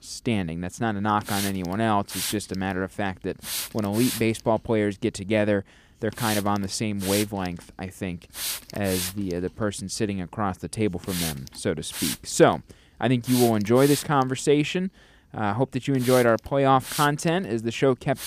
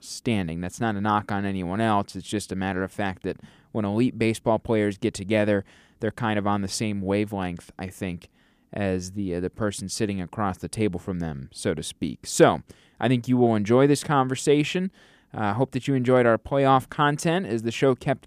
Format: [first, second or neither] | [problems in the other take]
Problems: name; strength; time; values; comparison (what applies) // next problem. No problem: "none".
second | hiss; loud; throughout; 7 dB below the speech